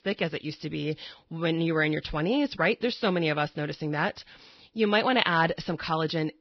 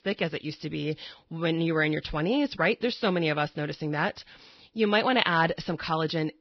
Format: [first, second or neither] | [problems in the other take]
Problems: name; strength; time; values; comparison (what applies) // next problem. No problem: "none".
neither | garbled, watery; badly; nothing above 5.5 kHz; the same in both